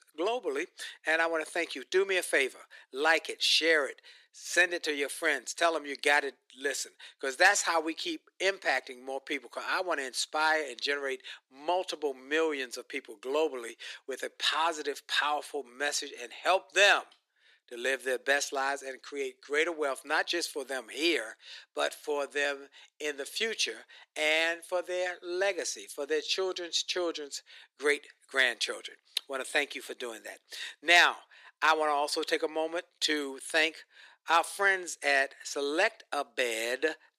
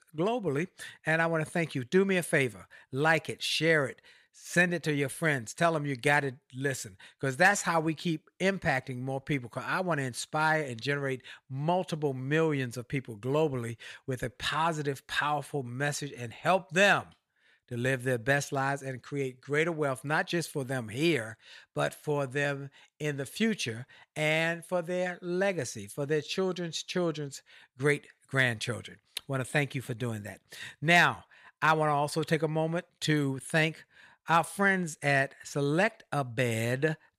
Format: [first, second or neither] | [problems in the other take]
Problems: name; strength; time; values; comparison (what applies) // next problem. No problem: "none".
second | thin; very; fading below 300 Hz